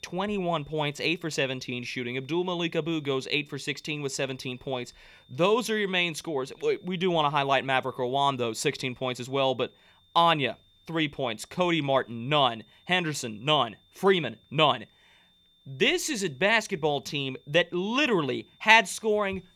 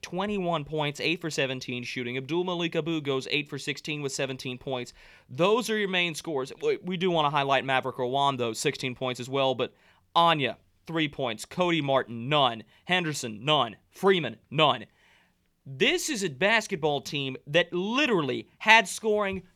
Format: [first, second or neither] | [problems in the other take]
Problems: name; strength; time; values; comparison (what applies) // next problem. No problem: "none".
second | high-pitched whine; faint; throughout; 3.5 kHz, 35 dB below the speech